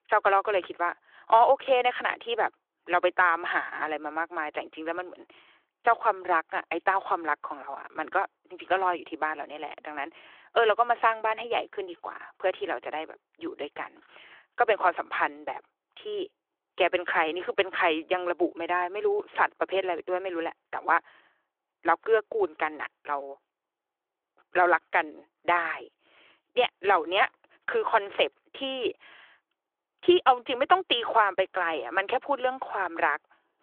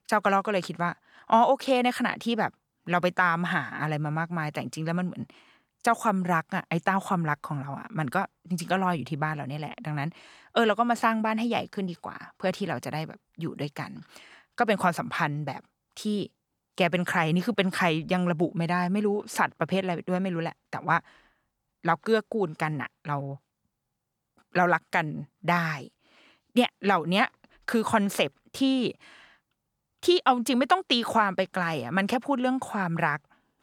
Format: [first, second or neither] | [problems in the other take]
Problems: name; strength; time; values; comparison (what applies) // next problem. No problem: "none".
second | phone-call audio; nothing above 3.5 kHz